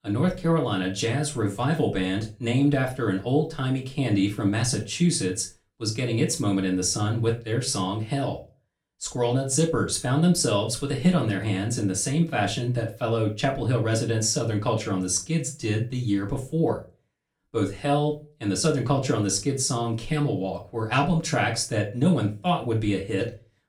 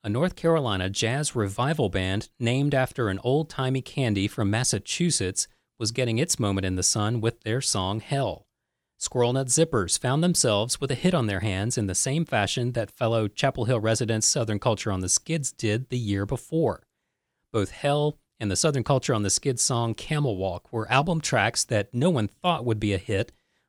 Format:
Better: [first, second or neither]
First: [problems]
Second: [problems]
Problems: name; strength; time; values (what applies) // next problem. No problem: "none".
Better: second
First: off-mic speech; far // room echo; very slight; dies away in 0.3 s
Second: none